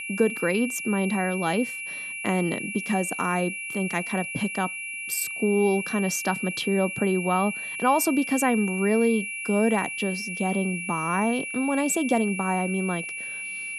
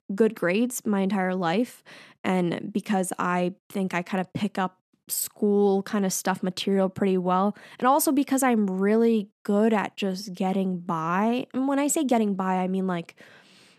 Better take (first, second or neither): second